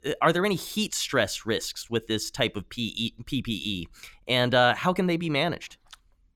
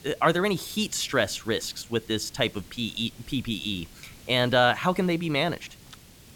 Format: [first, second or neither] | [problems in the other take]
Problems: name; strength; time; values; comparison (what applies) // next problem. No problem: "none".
first | hiss; faint; throughout; 25 dB below the speech